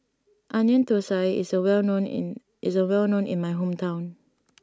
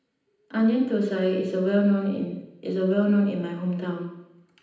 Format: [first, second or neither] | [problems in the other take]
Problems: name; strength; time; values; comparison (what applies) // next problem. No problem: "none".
first | room echo; dies away in 0.9 s